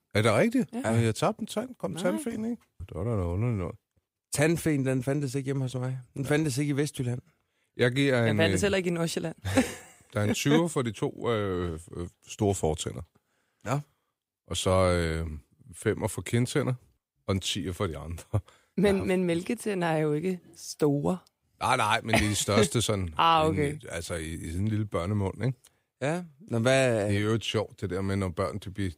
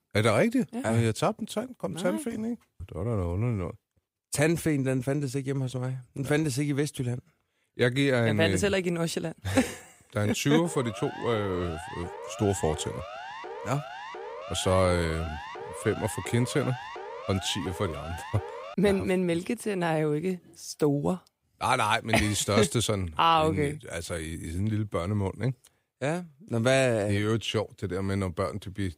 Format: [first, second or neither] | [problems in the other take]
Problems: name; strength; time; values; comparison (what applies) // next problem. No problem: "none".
first | siren; faint; from 11 to 19 s; peak 10 dB below the speech